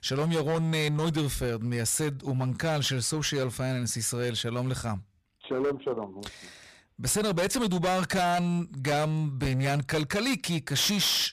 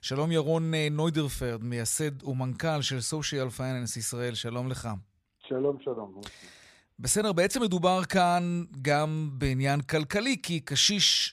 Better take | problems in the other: second | distortion; heavy; 17% of the sound clipped

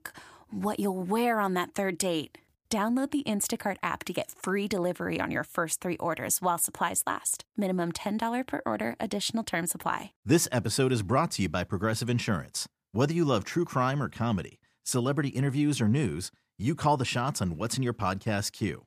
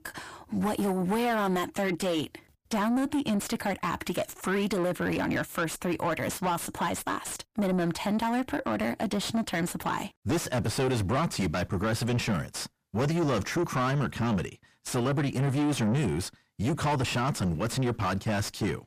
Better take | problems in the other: first | distortion; heavy; 6 dB below the speech

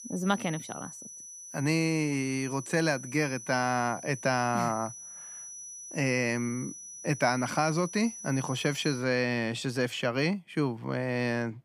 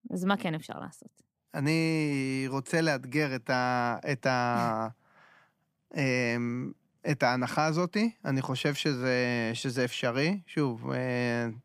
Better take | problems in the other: second | high-pitched whine; noticeable; until 9 s; 6 kHz, 10 dB below the speech

